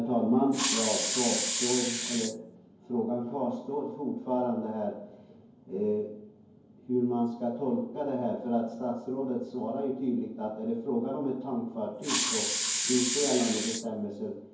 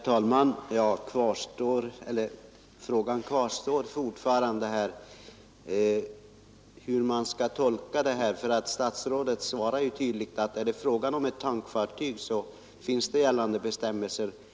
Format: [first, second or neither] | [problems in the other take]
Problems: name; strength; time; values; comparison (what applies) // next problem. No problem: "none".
second | background sound (Hiss); 1 dB above the speech // room echo; dies away in 0.9 s